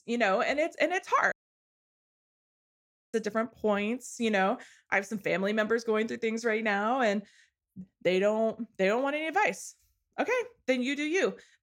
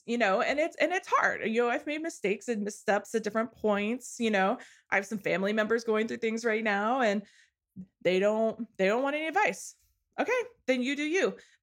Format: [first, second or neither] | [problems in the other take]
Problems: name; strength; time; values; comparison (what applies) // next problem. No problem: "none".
second | audio cutting out; at 1.5 s for 2 s